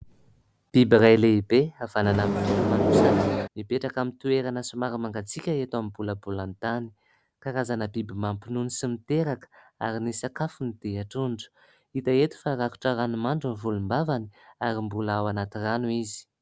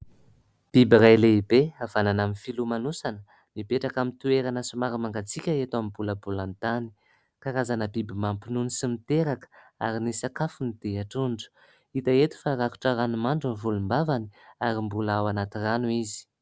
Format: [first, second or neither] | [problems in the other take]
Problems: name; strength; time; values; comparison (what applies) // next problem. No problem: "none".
second | background sound (Microwave oven); 4 dB above the speech